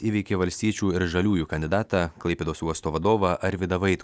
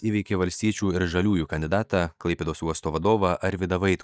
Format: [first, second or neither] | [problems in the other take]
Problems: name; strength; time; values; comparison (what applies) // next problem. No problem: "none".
first | noise reduction (neural mask model DeepFilterNet 3)